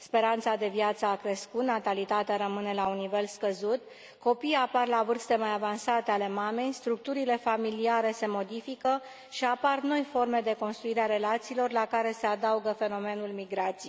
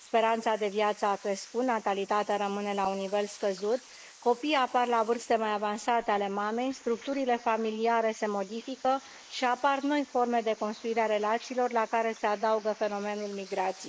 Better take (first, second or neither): first